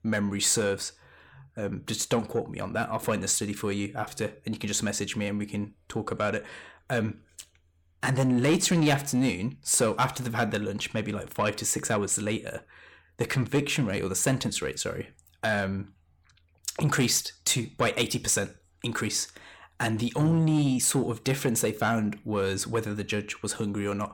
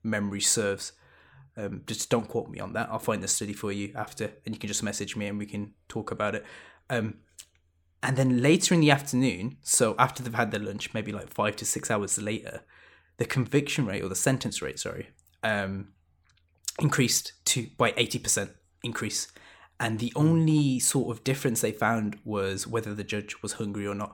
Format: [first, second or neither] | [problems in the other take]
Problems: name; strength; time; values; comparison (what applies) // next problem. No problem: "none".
second | distortion; slight; 10 dB below the speech